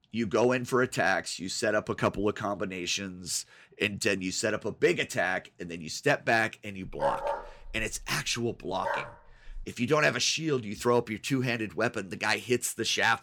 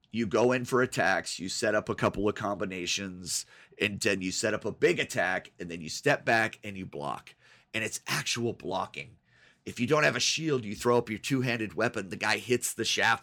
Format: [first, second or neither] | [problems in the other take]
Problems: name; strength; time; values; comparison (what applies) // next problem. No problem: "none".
second | dog barking; noticeable; from 7 to 9.5 s; peak 1 dB below the speech